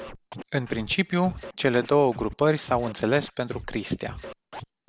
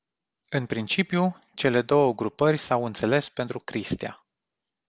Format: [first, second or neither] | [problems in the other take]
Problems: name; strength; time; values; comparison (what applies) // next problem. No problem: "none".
second | background sound (Scratching (performance technique)); 15 dB below the speech